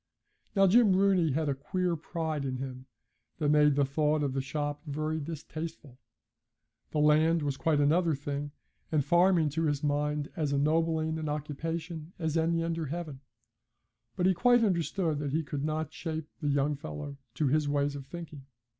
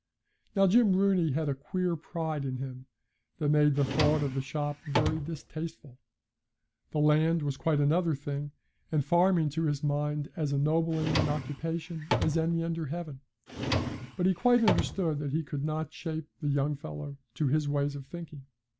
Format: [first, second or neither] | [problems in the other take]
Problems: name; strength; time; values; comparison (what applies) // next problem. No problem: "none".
first | background sound (Drawer open or close); 4 dB below the speech